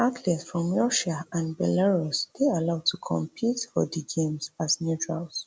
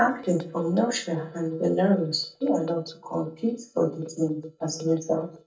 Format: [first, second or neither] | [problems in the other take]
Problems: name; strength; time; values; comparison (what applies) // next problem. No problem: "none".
first | noise reduction (neural mask model DeepFilterNet 3)